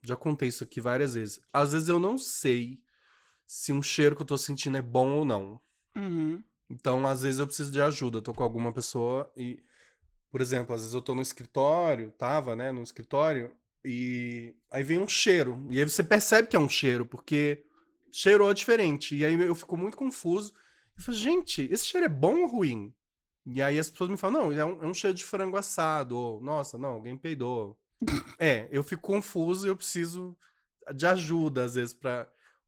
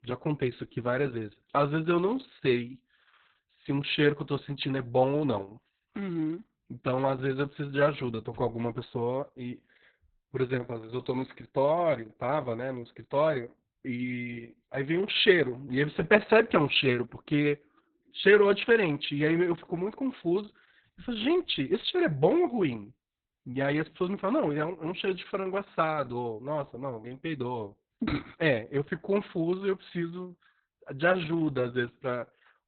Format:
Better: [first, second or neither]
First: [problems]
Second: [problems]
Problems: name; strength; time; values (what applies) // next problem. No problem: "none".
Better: first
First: garbled, watery; slightly; nothing above 18.5 kHz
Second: garbled, watery; badly; nothing above 4 kHz